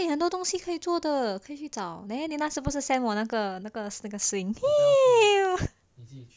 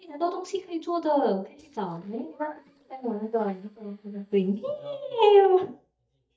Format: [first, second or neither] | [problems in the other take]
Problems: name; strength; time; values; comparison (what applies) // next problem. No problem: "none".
first | noise reduction (neural mask model DeepFilterNet 3)